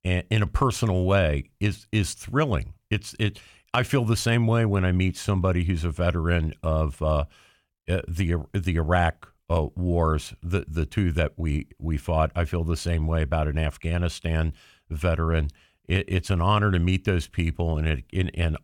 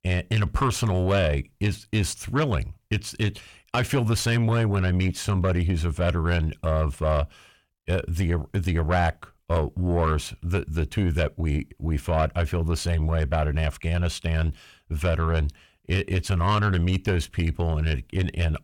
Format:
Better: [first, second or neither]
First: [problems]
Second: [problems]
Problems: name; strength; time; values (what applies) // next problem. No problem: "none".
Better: first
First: none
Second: distortion; slight; 10 dB below the speech